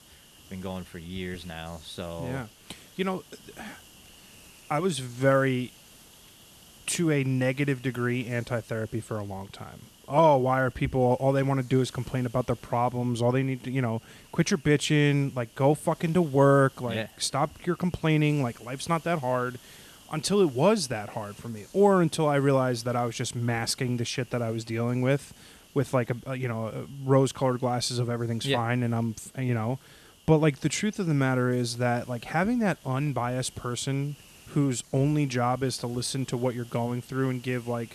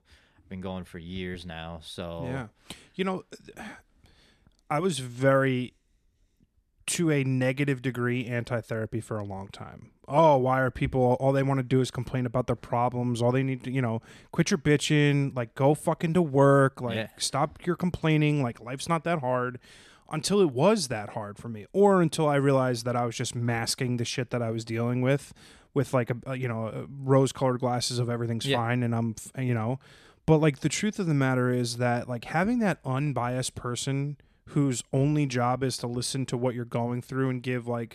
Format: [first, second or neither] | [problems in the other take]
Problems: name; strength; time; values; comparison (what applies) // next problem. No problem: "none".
second | hiss; faint; throughout; 25 dB below the speech